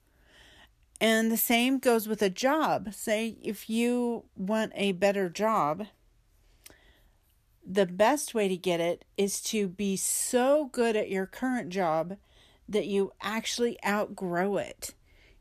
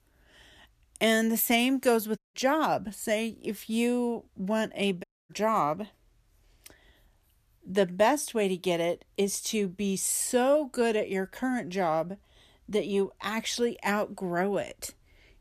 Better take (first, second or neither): first